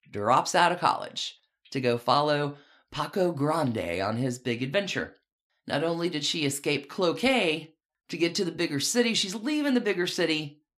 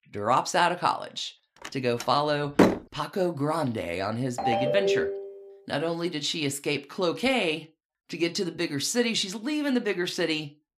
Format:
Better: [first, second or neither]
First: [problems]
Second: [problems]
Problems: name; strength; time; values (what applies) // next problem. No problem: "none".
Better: first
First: none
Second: door banging; loud; at 2 s; peak 5 dB above the speech // phone ringing; loud; at 4.5 s; peak 2 dB above the speech